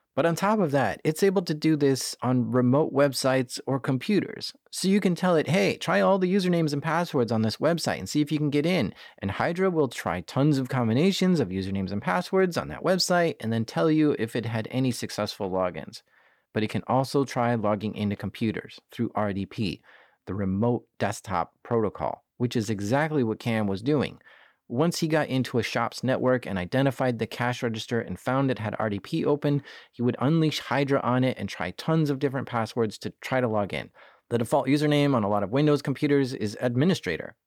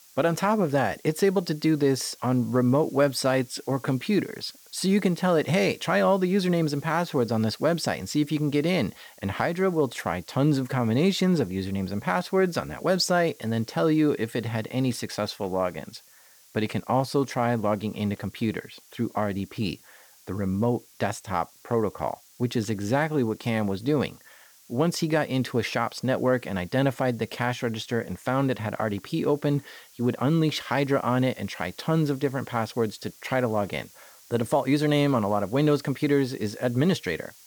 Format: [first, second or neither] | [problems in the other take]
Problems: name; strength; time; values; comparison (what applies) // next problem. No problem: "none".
first | hiss; faint; throughout; 25 dB below the speech